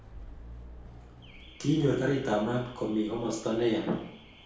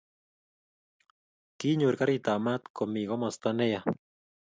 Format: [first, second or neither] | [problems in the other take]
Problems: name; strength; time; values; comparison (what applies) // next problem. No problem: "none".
second | background sound (Alarm / Car); 17 dB below the speech // room echo; dies away in 0.5 s